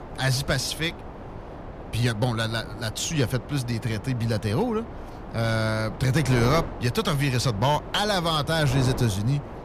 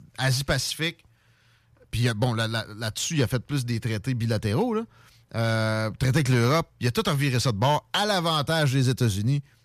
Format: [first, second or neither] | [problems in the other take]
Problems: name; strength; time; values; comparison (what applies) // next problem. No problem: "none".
second | wind noise on the microphone; occasional gusts; 10 dB below the speech